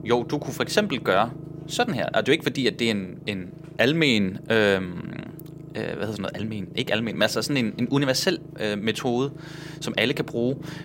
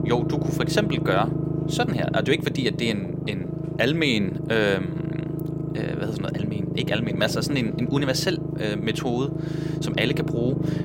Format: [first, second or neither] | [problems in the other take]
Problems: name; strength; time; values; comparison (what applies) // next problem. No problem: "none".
first | low rumble; loud; throughout; 7 dB below the speech; faint in the first